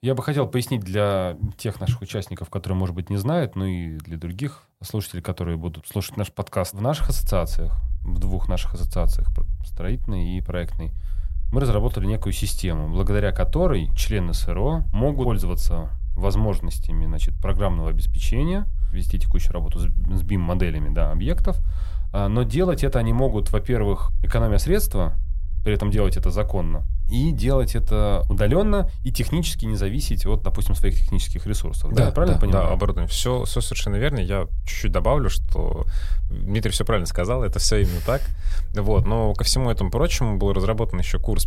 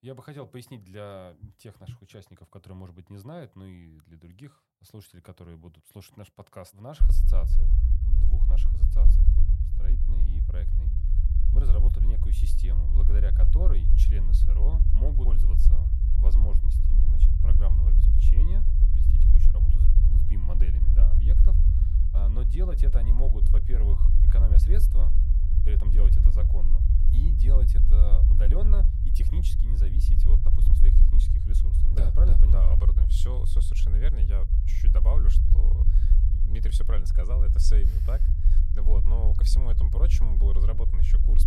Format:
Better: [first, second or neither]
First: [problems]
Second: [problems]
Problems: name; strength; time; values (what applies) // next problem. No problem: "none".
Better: first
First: low rumble; faint; from 7 s on; 25 dB below the speech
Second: low rumble; loud; from 7 s on; as loud as the speech